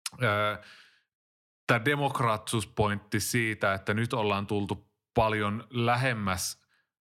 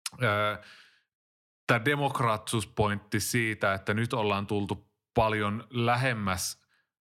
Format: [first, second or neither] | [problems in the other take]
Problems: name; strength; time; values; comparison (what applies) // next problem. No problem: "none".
neither | none